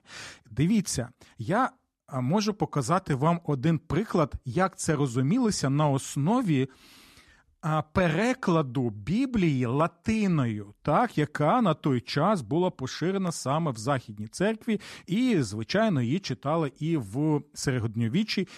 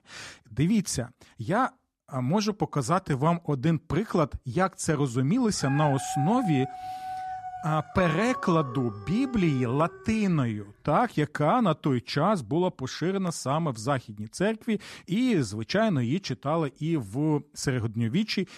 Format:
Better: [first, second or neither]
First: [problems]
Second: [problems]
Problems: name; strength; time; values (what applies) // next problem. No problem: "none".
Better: first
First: none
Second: dog barking; noticeable; from 5.5 to 10 s; peak 6 dB below the speech